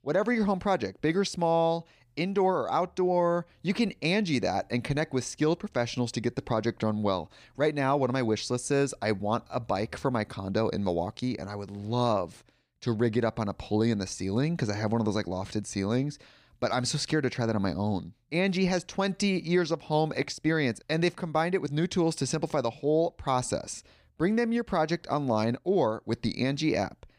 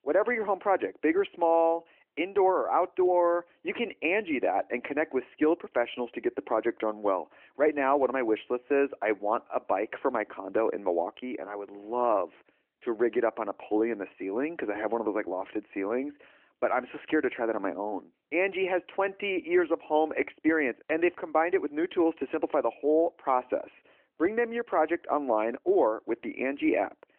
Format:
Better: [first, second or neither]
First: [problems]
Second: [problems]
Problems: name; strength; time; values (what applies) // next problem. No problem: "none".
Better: first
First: none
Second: phone-call audio